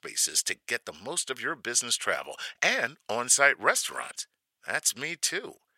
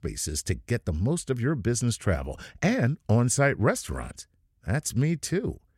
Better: second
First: thin; very; fading below 850 Hz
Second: none

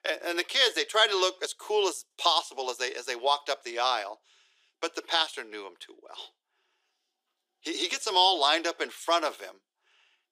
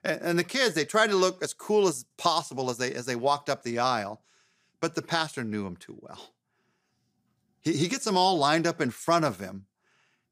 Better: second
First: thin; very; fading below 350 Hz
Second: none

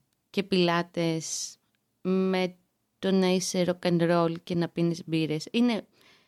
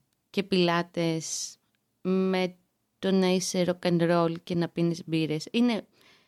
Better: neither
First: none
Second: none

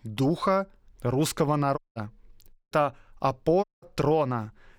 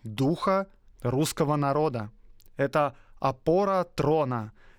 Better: second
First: audio cutting out; at 2 s, at 2.5 s and at 3.5 s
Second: none

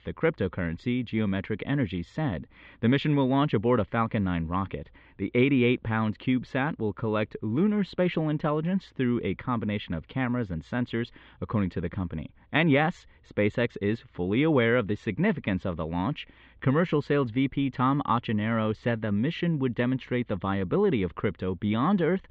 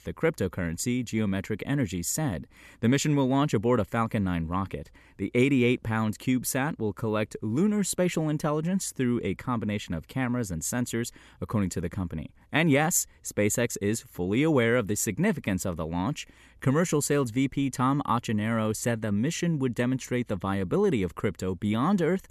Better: second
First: muffled; very; fading above 3.5 kHz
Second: none

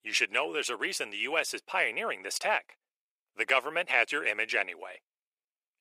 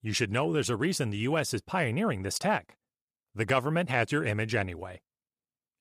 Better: second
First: thin; very; fading below 450 Hz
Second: none

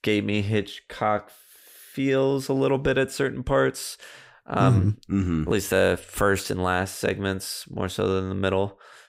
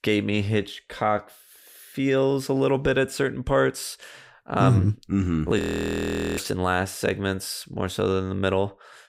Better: first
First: none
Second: audio freezing; at 5.5 s for 1 s

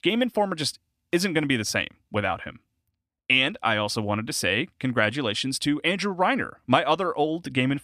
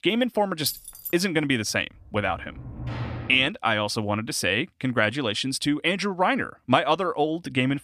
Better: first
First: none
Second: jangling keys; noticeable; at 0.5 s; peak 8 dB below the speech // door banging; noticeable; from 2 to 3.5 s; peak 8 dB below the speech

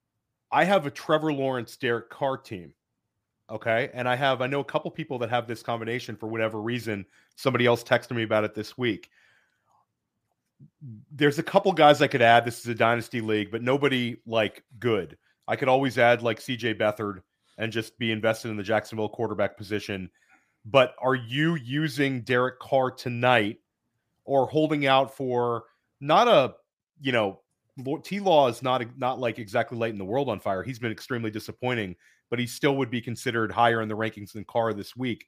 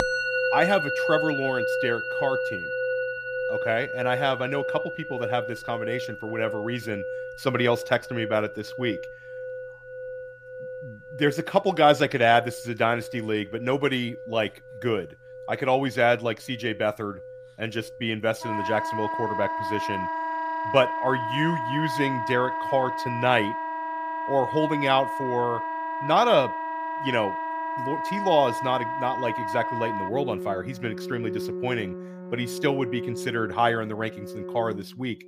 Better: first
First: none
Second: background music; loud; throughout; 4 dB below the speech

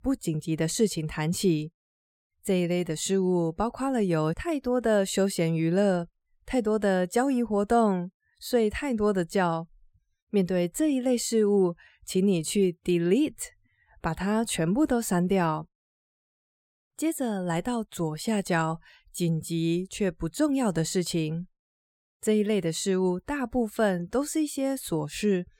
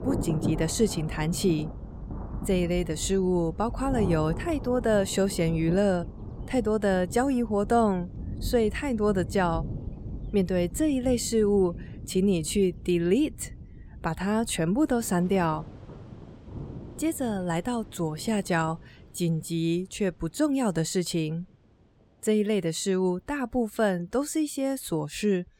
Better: first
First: none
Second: rain or running water; noticeable; throughout; 10 dB below the speech

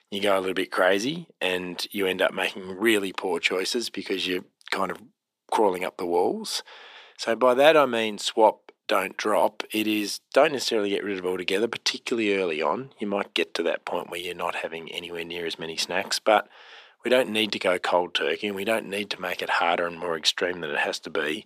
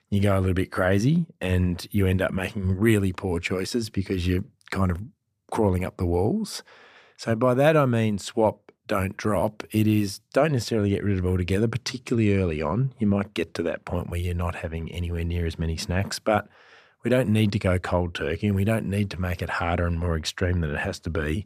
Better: second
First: thin; somewhat; fading below 300 Hz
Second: none

